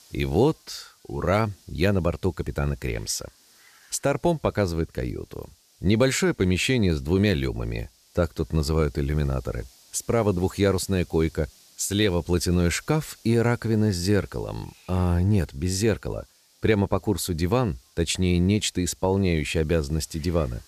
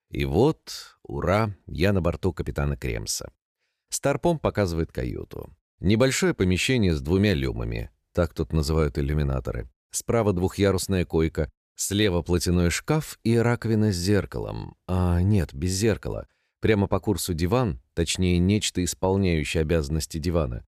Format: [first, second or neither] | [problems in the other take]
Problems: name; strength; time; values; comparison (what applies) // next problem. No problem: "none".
second | hiss; faint; throughout; 30 dB below the speech